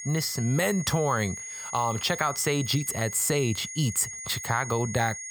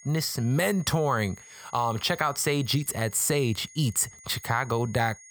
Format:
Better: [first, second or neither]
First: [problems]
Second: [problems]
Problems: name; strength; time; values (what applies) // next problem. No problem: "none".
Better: second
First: high-pitched whine; loud; throughout; 6.5 kHz, 8 dB below the speech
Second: high-pitched whine; faint; throughout; 6.5 kHz, 20 dB below the speech